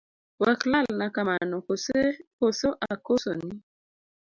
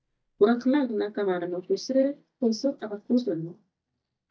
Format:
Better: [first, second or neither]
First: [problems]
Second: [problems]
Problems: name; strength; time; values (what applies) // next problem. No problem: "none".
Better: first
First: none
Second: noise reduction (neural mask model DeepFilterNet 3)